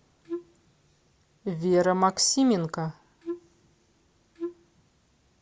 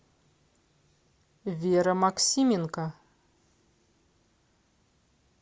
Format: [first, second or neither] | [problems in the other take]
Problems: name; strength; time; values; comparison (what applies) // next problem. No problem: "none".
second | background sound (Wind instrument, woodwind instrument); 9 dB below the speech